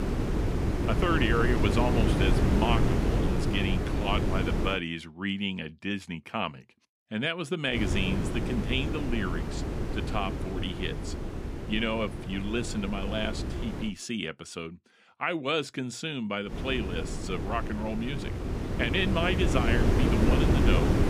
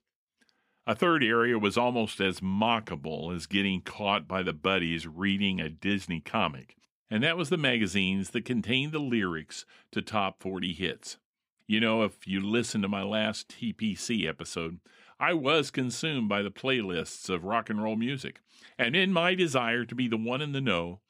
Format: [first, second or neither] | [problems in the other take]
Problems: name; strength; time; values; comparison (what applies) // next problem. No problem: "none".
second | wind noise on the microphone; heavy; until 5 s, from 7.5 to 14 s and from 17 s on; 3 dB below the speech